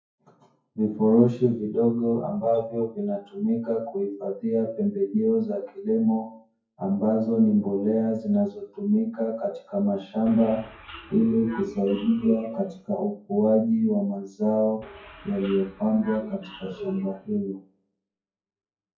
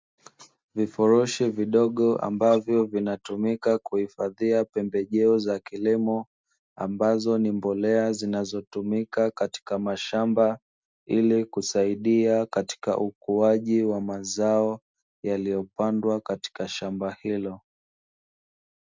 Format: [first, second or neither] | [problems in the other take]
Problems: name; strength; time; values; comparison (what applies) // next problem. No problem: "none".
second | noise reduction (classical method WPE with log-MMSE)